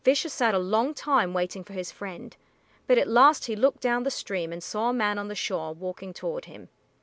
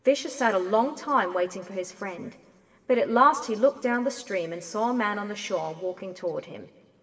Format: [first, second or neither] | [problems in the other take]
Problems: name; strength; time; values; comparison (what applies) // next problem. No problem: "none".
first | room echo; dies away in 3 s